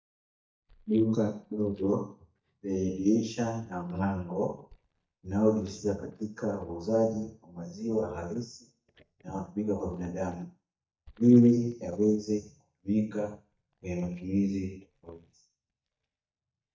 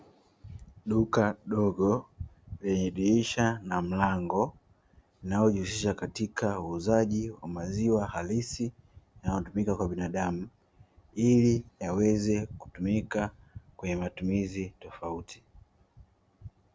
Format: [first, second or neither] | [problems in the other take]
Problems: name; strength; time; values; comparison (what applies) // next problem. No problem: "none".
second | noise reduction (neural mask model DeepFilterNet 3)